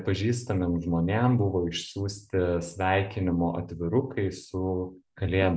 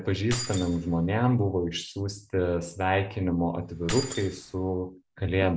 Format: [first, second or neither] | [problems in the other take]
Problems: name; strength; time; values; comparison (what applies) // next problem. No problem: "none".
first | background sound (Keys jangling); 11 dB below the speech